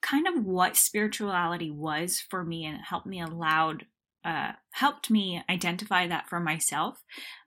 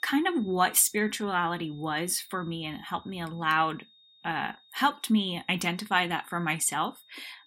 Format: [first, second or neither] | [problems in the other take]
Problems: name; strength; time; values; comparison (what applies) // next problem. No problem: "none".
first | high-pitched whine; faint; throughout; 3.5 kHz, 25 dB below the speech